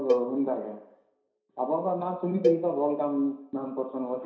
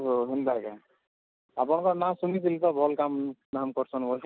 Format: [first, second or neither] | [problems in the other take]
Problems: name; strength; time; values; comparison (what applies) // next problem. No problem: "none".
second | background sound (Cowbell); 3 dB below the speech // room echo; dies away in 0.7 s